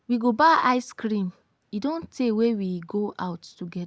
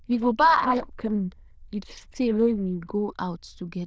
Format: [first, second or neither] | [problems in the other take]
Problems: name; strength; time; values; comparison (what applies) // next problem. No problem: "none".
first | noise reduction (neural diffusion model UNIVERSE++)